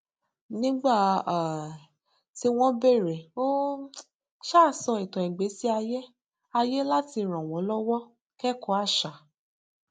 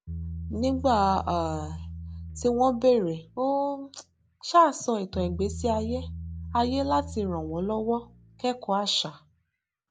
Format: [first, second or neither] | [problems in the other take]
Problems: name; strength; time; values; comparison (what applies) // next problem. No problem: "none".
first | background sound (Bass guitar); 12 dB below the speech